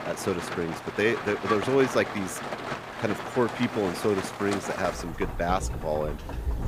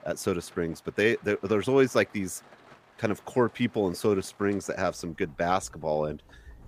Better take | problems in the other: second | rain or running water; loud; throughout; 6 dB below the speech; faint in the second

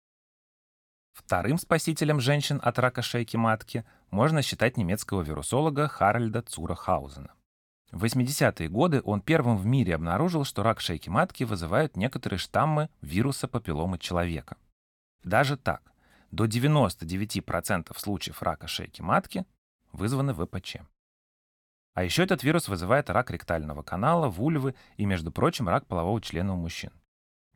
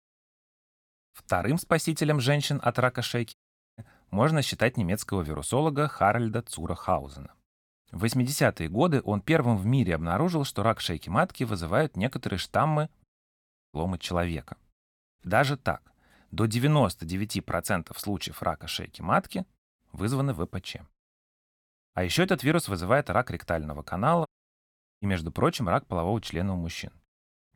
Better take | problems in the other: first | audio cutting out; at 3.5 s, at 13 s for 0.5 s and at 24 s for 1 s

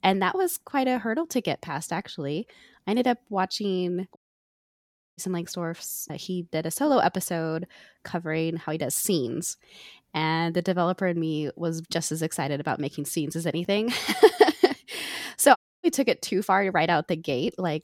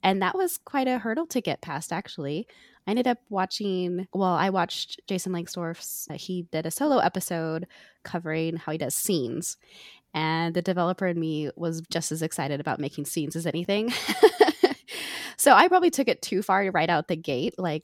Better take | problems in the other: second | audio cutting out; at 4 s for 1 s and at 16 s

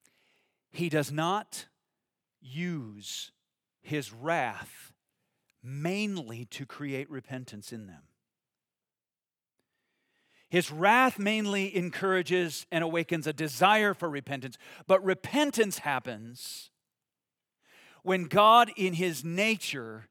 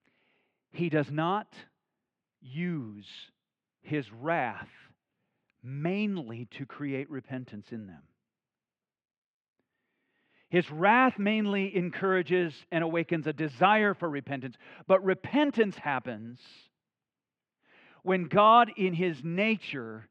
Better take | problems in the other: first | muffled; very; fading above 3 kHz

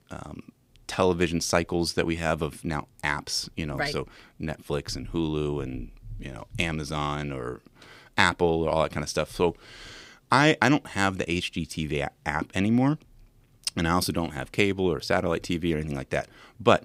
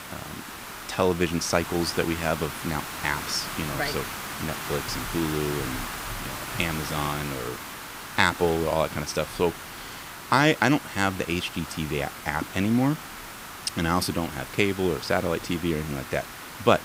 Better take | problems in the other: first | hiss; loud; throughout; 8 dB below the speech

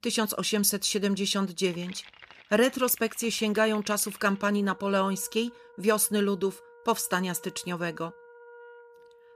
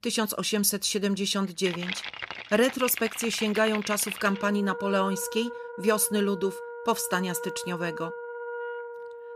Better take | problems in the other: first | background music; loud; throughout; 10 dB below the speech; faint in the first

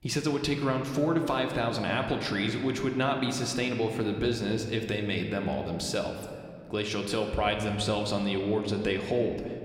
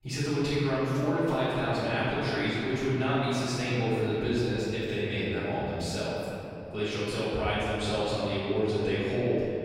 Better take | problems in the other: first | room echo; strong; dies away in 2.8 s; slight in the first // off-mic speech; far

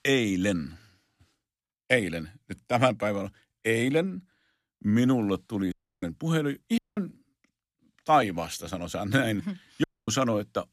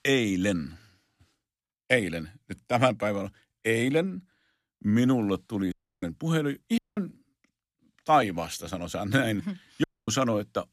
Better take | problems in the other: neither | audio cutting out; at 5.5 s, at 7 s and at 10 s; the same in both

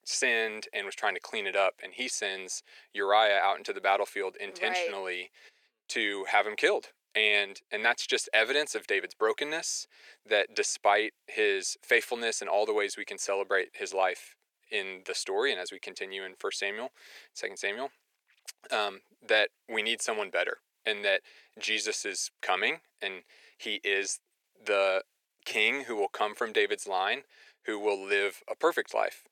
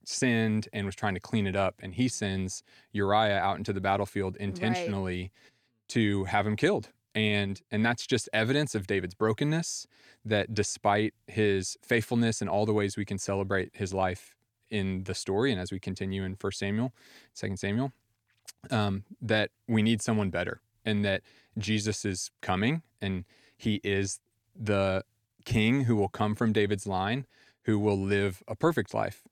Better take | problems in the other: second | thin; very; fading below 450 Hz

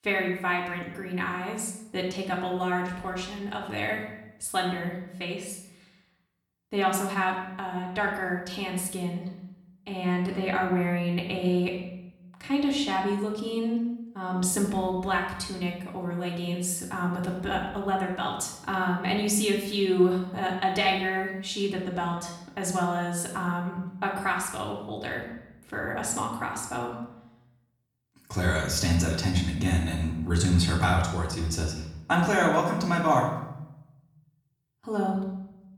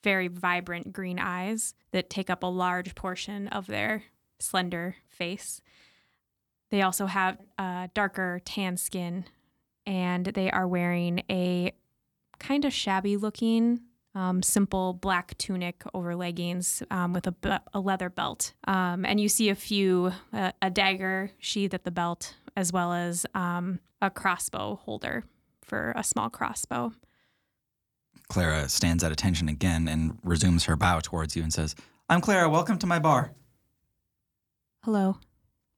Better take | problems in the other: second | room echo; noticeable; dies away in 0.8 s // off-mic speech; far

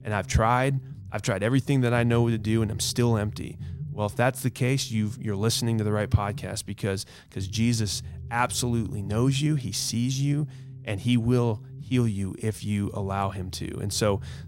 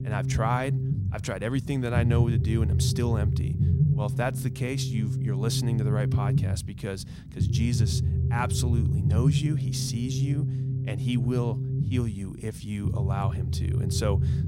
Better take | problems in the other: first | low rumble; loud; throughout; 5 dB below the speech; faint in the first

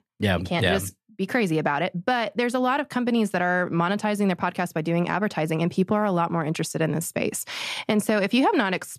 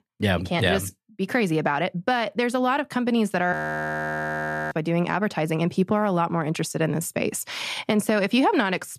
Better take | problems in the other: first | audio freezing; at 3.5 s for 1 s

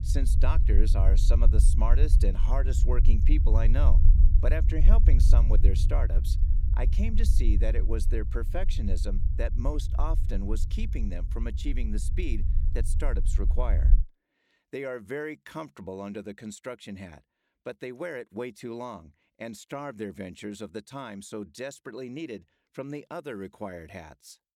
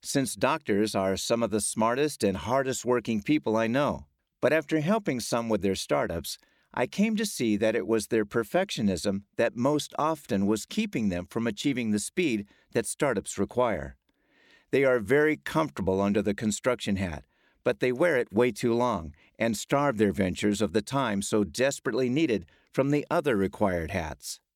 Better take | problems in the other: second | low rumble; loud; until 14 s; 8 dB below the speech

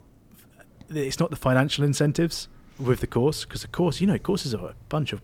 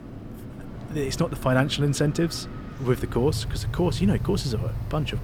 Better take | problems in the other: first | wind in the background; loud; throughout; 8 dB below the speech; faint in the first

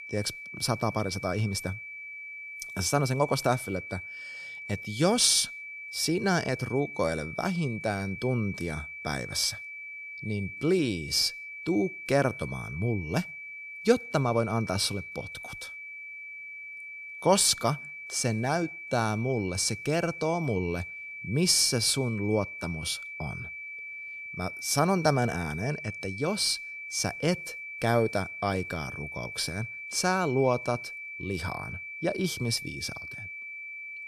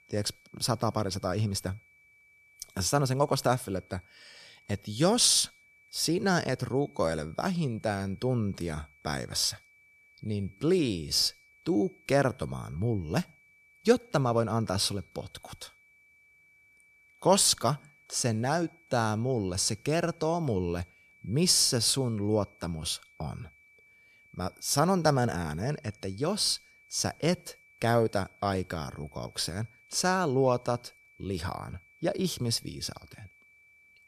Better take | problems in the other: second | high-pitched whine; loud; throughout; 2.5 kHz, 10 dB below the speech; faint in the second

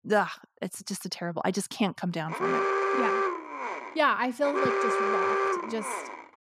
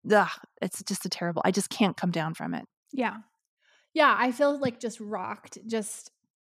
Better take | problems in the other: second | alarm; loud; from 2.5 s on; peak 5 dB above the speech

